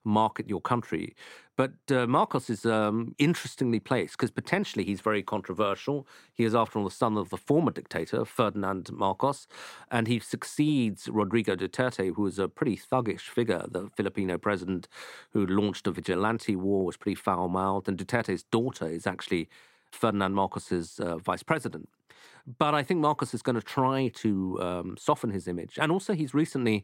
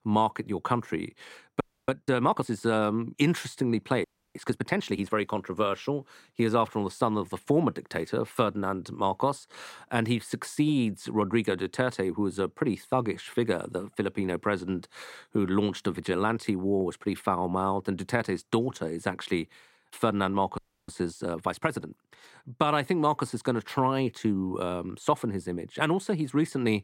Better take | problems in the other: first | audio freezing; at 1.5 s, at 4 s and at 21 s

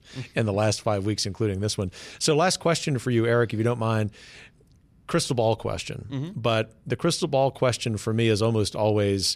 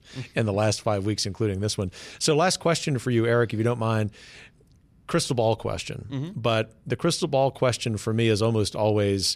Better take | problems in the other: neither | none

